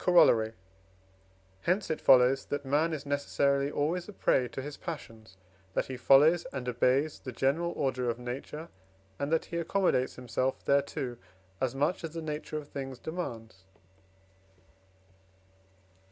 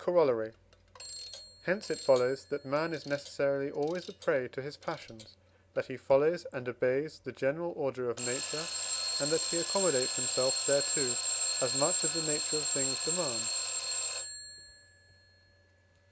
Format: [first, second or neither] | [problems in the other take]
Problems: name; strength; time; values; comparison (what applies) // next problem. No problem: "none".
first | background sound (Alarm / Clock); 2 dB below the speech